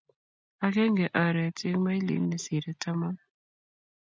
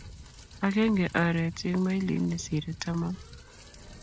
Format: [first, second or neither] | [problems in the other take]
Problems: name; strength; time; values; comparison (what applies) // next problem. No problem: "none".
first | background sound (Rain); 17 dB below the speech